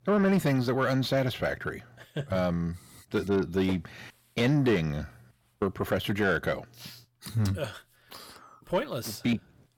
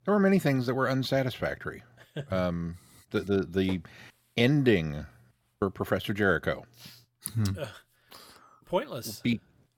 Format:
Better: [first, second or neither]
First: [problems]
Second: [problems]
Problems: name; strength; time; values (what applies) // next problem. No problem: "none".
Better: second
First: distortion; slight; 10 dB below the speech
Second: none